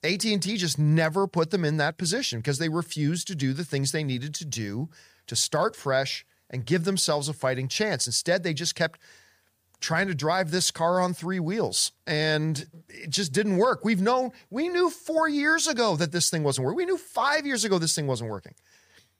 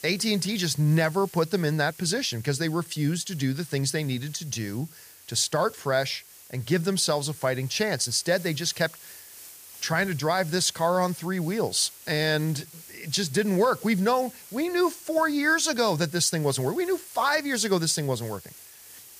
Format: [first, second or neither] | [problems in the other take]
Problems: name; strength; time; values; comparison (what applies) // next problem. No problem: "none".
first | hiss; noticeable; throughout; 20 dB below the speech